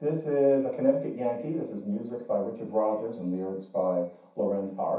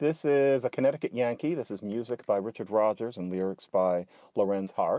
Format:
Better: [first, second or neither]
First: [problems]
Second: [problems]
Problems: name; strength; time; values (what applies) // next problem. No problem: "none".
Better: second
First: room echo; dies away in 0.7 s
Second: none